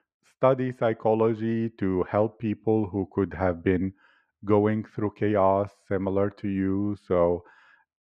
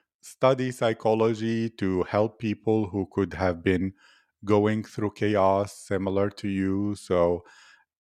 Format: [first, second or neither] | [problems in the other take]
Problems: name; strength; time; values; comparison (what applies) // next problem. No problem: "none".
second | muffled; very; fading above 3.5 kHz